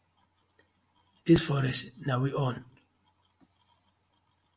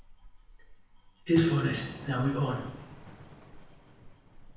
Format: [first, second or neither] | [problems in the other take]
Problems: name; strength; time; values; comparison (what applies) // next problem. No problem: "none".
first | background sound (Thunder / Rain); 16 dB below the speech // room echo; dies away in 0.9 s